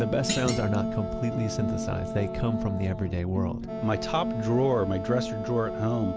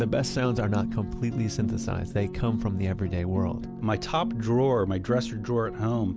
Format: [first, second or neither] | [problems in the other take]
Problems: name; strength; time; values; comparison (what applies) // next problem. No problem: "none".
second | background sound (Wind instrument, woodwind instrument + Thump, thud); 7 dB below the speech